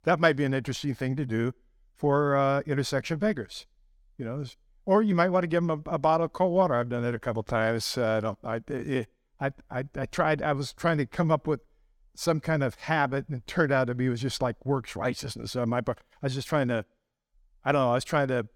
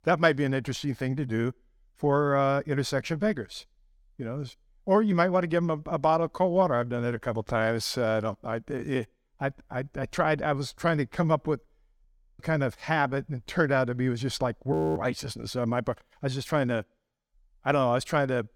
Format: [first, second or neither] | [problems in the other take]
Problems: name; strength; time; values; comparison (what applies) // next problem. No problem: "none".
first | audio freezing; at 12 s and at 15 s